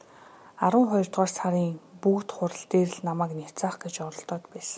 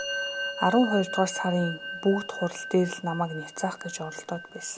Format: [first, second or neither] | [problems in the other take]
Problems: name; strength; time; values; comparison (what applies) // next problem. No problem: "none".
first | background sound (Musical instrument); 8 dB below the speech